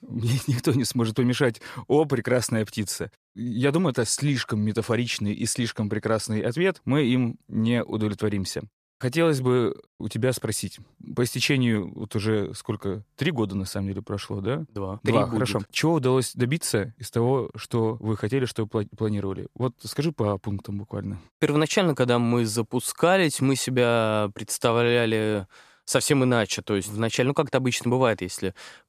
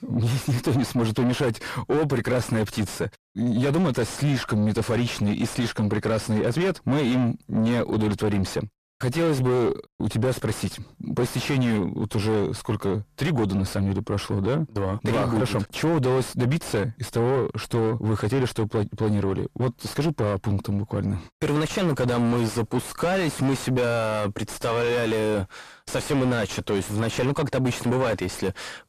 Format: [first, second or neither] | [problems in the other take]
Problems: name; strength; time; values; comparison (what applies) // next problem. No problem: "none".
first | distortion; heavy; 5 dB below the speech